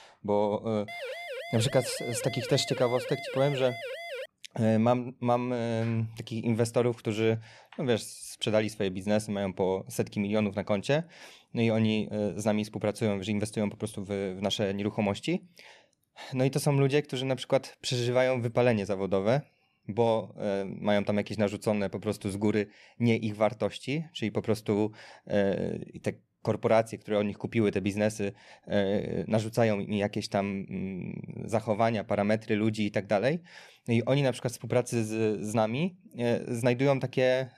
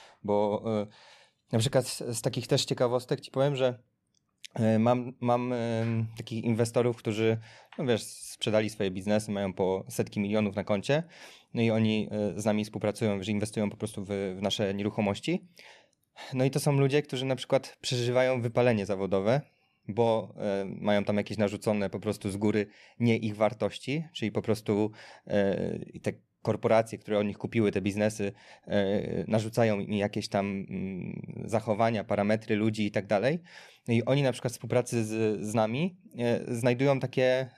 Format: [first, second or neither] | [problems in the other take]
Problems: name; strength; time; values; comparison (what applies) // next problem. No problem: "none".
second | siren; noticeable; from 1 to 4.5 s; peak 8 dB below the speech